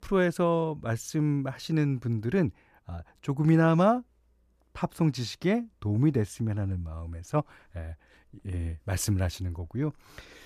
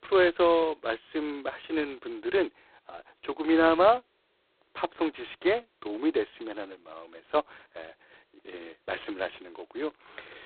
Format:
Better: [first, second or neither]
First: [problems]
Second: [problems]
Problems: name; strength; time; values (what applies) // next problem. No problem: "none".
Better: first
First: none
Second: phone-call audio; poor line; nothing above 4 kHz